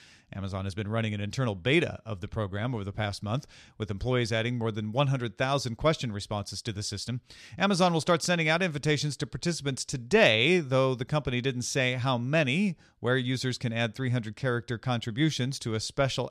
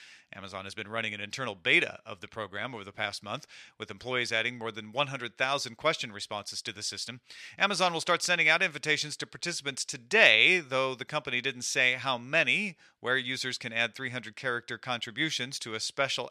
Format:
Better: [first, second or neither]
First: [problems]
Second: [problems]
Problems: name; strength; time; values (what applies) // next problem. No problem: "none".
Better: first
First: none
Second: thin; somewhat; fading below 750 Hz